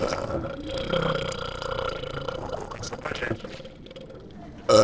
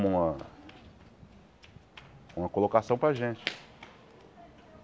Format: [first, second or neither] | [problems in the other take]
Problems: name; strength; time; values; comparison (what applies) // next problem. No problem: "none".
second | noise reduction (neural separator model SepFormer DNS4)